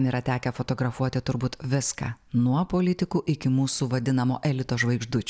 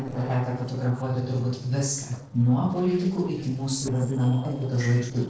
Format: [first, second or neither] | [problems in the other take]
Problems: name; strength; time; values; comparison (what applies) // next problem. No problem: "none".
first | noise reduction (neural separator model SepFormer DNS4)